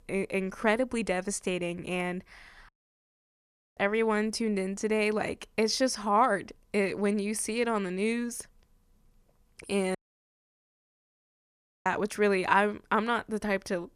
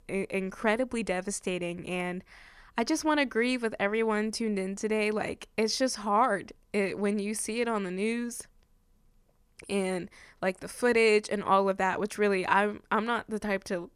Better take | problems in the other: second | audio cutting out; at 2.5 s for 1 s and at 10 s for 2 s

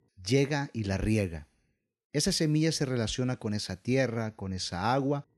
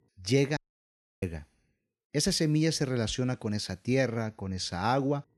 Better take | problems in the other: first | audio cutting out; at 0.5 s for 0.5 s

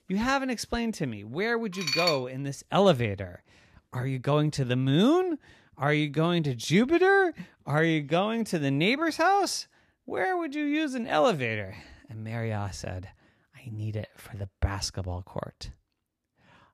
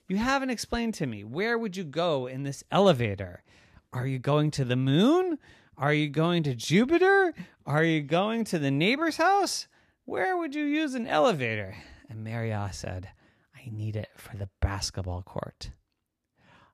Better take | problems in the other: second | clattering dishes; loud; at 2 s; peak 1 dB above the speech

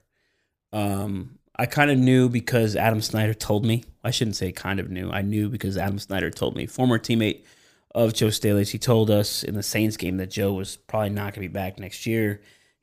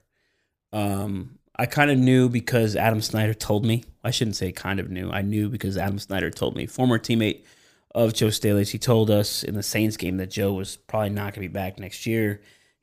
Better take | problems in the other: neither | none

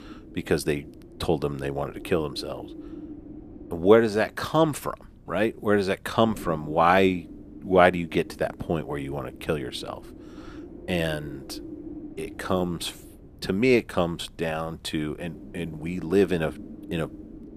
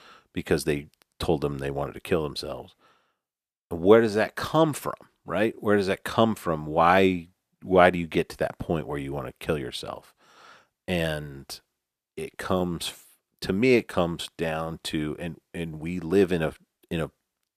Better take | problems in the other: second | wind noise on the microphone; occasional gusts; 20 dB below the speech

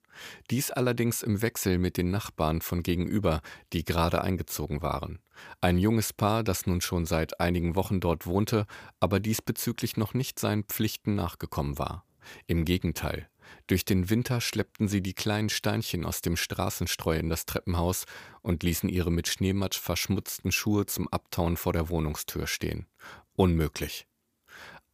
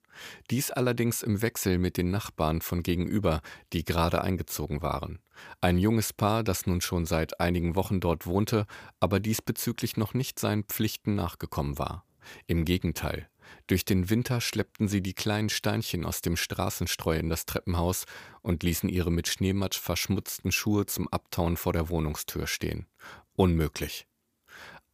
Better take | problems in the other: neither | none

